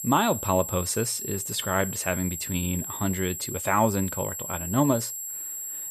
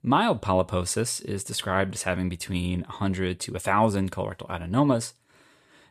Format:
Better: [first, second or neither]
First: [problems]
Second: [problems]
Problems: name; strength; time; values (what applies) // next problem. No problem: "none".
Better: second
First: high-pitched whine; loud; throughout; 7.5 kHz, 5 dB below the speech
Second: none